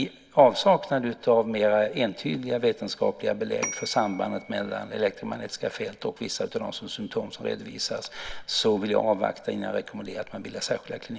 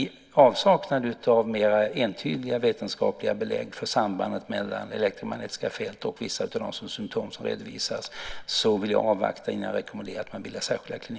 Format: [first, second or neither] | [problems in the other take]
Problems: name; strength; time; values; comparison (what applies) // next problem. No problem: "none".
second | background sound (Bell / Telephone); 13 dB below the speech